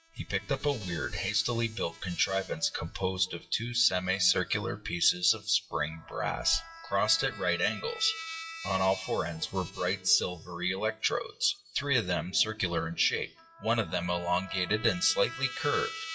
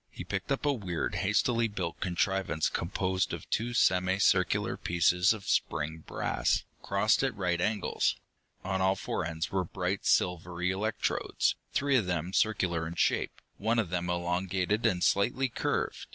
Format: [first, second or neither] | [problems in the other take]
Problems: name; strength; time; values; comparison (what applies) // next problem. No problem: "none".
second | noise reduction (classical method WPE with log-MMSE)